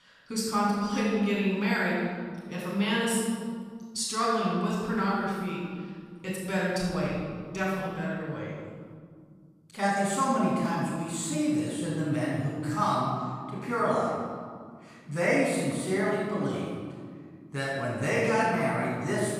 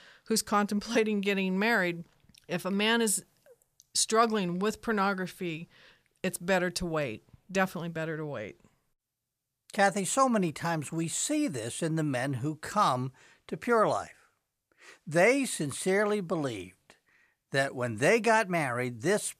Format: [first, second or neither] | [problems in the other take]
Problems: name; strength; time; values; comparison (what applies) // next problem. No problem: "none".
second | off-mic speech; far // room echo; strong; dies away in 2 s